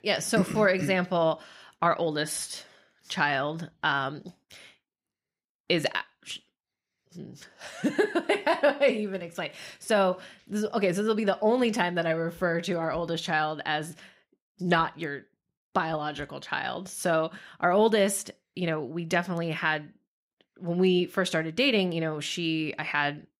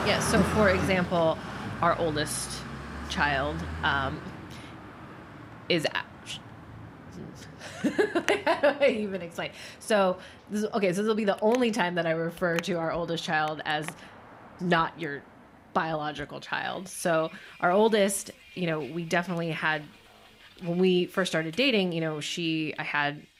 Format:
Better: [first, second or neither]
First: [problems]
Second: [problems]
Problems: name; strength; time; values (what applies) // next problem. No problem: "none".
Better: first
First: none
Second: traffic noise; noticeable; throughout; 10 dB below the speech